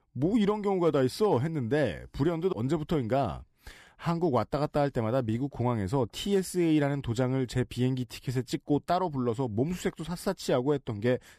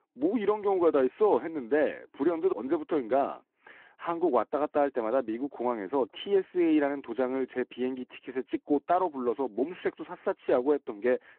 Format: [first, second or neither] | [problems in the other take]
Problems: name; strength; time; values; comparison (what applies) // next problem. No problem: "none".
first | phone-call audio